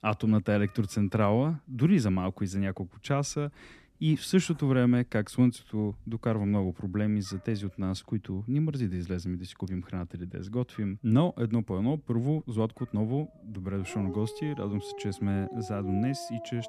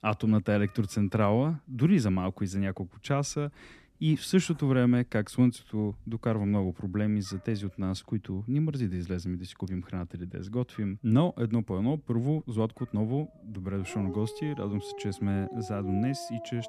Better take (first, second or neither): neither